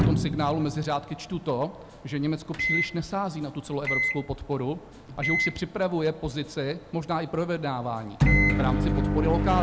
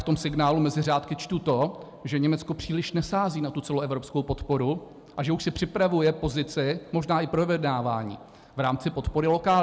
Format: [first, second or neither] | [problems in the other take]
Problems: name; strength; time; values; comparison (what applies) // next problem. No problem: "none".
second | background sound (Microwave oven); 1 dB above the speech